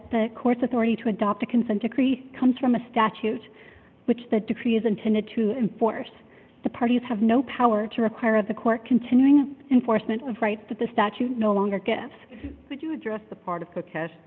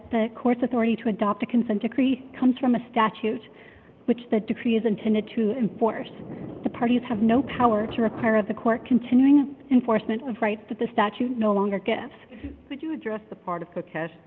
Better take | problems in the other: first | background sound (Thunder); 20 dB below the speech

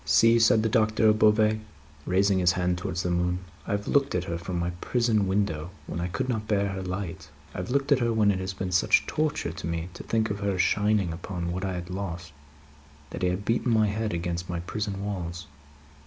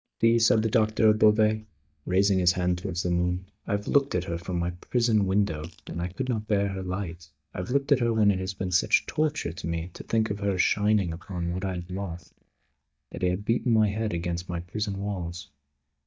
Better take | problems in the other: first | noise reduction (neural mask model DeepFilterNet 3)

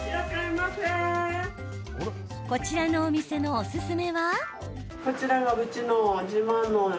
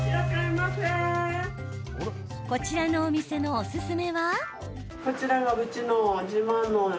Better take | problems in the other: first | background sound (Keyboard (musical)); 9 dB below the speech

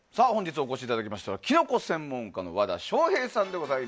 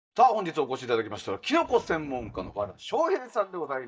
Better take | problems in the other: first | noise reduction (neural mask model DeepFilterNet 3)

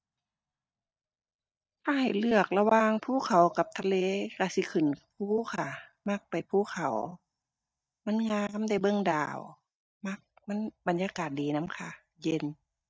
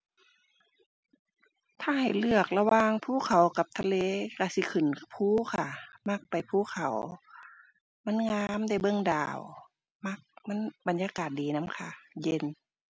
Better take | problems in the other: second | noise reduction (neural mask model DeepFilterNet 3)

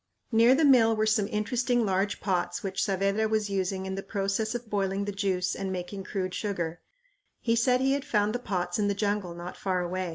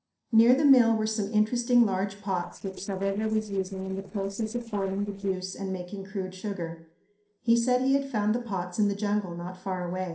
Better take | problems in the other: first | noise reduction (neural separator model SepFormer DNS4)

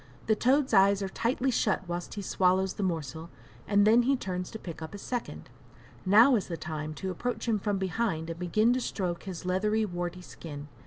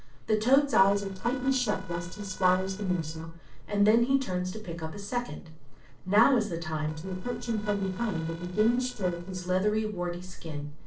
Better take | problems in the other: first | noise reduction (neural separator model SepFormer DNS4)

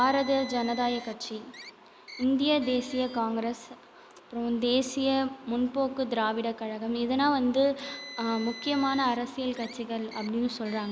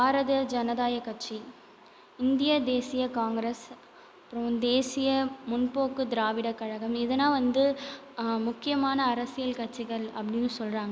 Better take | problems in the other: second | background sound (Car); 19 dB below the speech

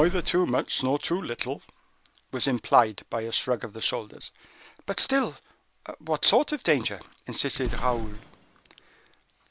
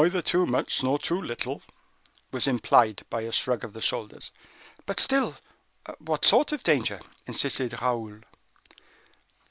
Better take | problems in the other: second | background sound (Explosion); 10 dB below the speech

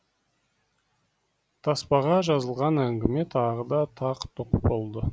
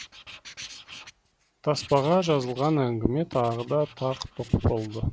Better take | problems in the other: first | background sound (Writing); 19 dB below the speech

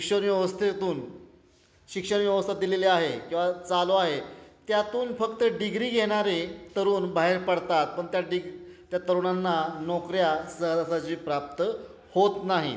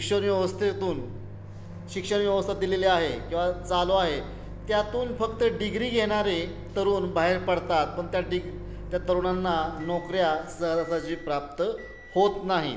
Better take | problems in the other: first | background sound (Microwave oven); 13 dB below the speech

